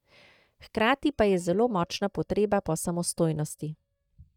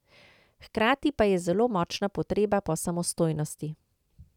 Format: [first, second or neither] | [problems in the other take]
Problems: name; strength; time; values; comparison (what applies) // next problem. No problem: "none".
second | noise reduction (neural mask model DeepFilterNet 3)